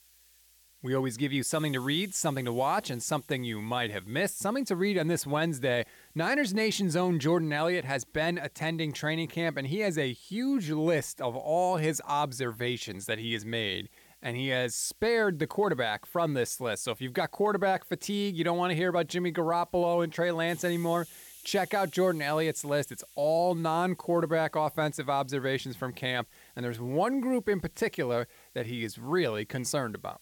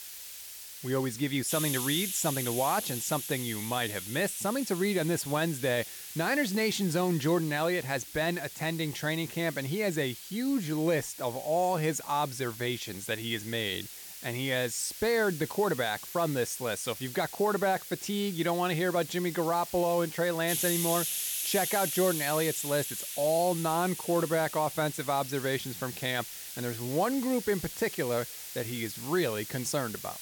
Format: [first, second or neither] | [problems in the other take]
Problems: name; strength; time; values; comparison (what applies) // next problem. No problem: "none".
first | hiss; loud; throughout; 7 dB below the speech; faint in the first